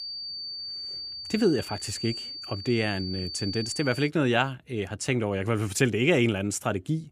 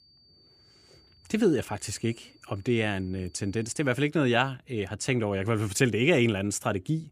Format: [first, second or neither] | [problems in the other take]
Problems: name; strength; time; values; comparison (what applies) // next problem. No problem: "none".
second | high-pitched whine; loud; until 4 s; 4.5 kHz, 8 dB below the speech; faint in the second